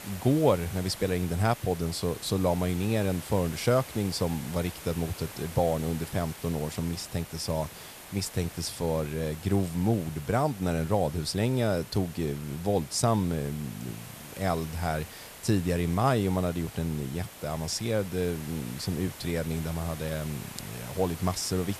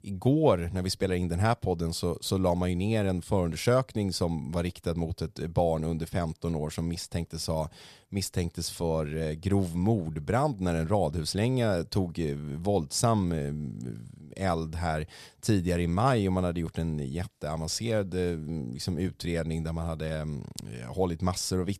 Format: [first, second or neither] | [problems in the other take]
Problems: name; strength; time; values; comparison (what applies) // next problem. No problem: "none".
second | hiss; noticeable; throughout; 15 dB below the speech